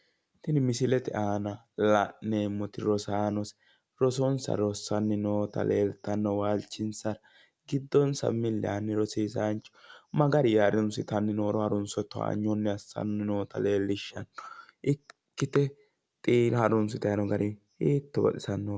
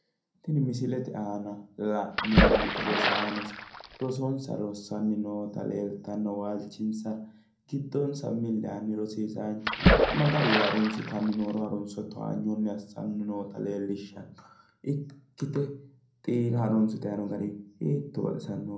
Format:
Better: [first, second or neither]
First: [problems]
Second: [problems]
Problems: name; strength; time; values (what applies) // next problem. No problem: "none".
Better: first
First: none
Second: background sound (Splash, splatter); 5 dB above the speech // room echo; dies away in 0.5 s